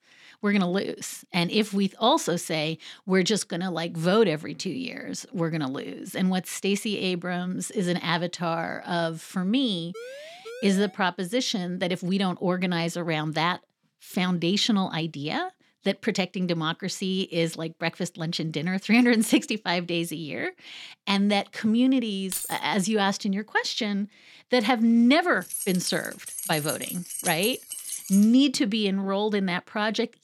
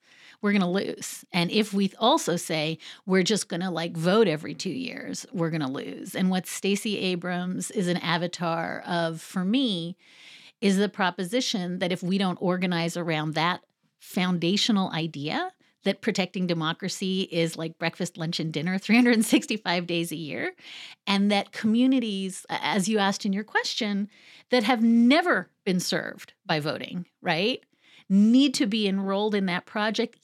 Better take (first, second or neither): second